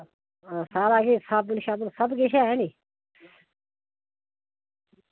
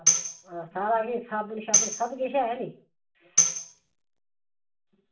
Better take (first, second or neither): first